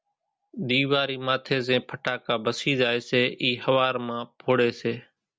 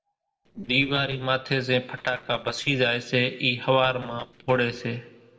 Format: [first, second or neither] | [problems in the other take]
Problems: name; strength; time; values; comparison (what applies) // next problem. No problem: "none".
first | noise reduction (neural separator model SepFormer DNS4)